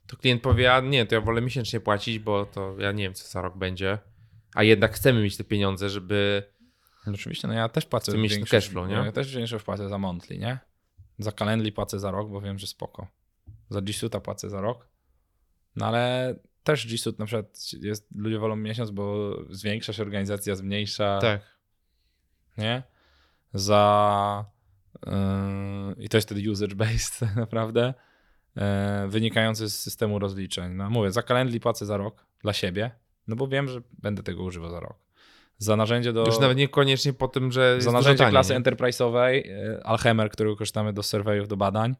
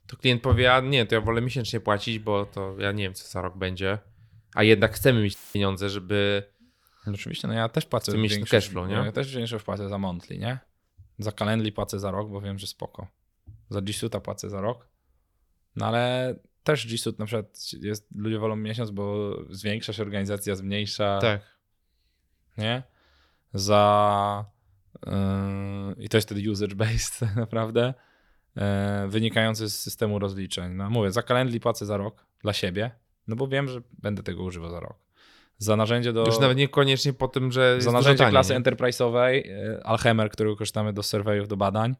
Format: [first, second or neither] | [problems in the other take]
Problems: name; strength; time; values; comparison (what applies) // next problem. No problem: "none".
first | audio cutting out; filled with static; at 5.5 s